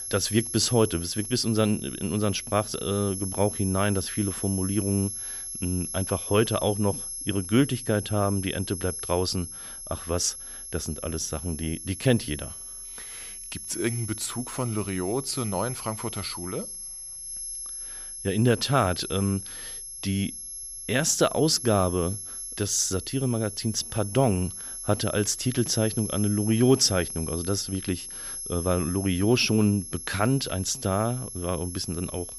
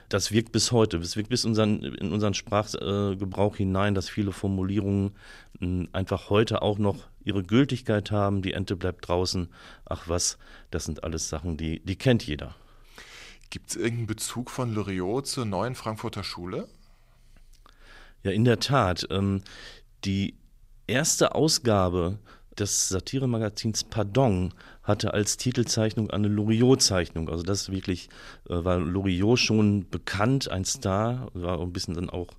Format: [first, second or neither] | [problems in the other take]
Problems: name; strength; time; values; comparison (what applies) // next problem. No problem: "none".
second | high-pitched whine; loud; throughout; 11 kHz, 8 dB below the speech